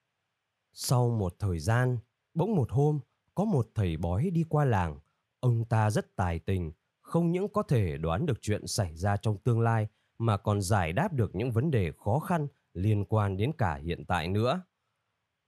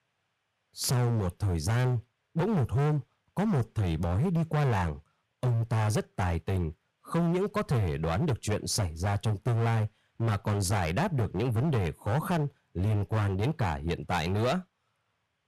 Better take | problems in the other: first | distortion; heavy; 19% of the sound clipped

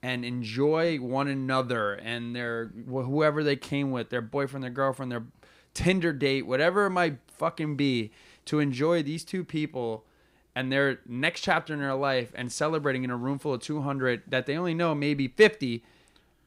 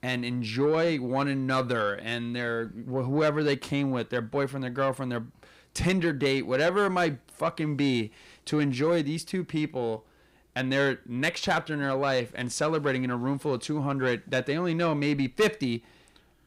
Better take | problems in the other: first | distortion; slight; 10 dB below the speech

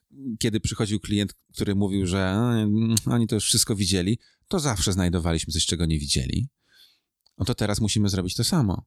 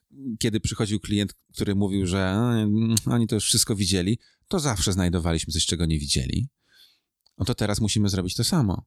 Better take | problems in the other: neither | none

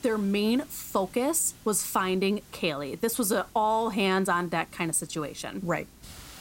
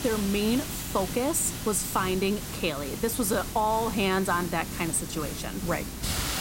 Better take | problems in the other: first | hiss; loud; throughout; 6 dB below the speech; faint in the first

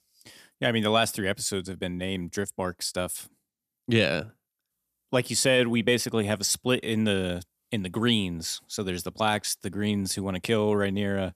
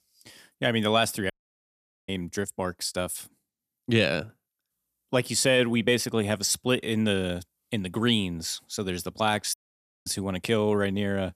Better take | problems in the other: first | audio cutting out; at 1.5 s for 1 s and at 9.5 s for 0.5 s

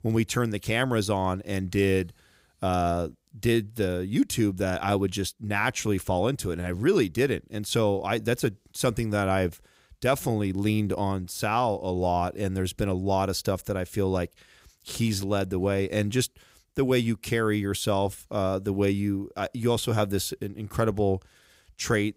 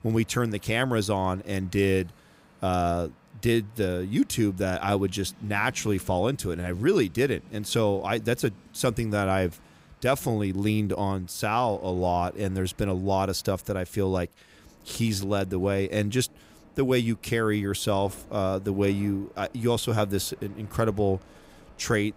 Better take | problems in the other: first | train or aircraft noise; faint; throughout; 25 dB below the speech

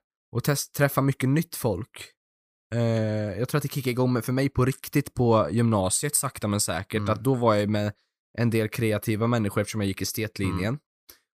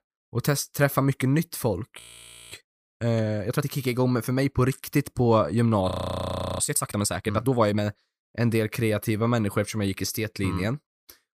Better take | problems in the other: first | audio freezing; at 2 s for 0.5 s and at 6 s for 0.5 s

